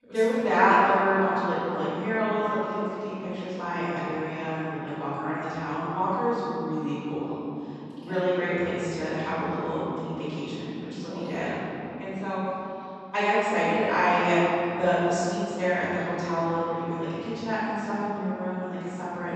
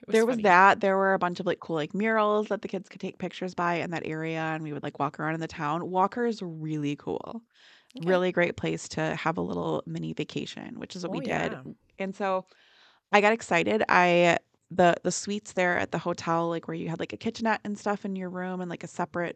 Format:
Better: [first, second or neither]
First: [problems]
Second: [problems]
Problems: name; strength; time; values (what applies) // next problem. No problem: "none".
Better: second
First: off-mic speech; far // room echo; strong; dies away in 3 s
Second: none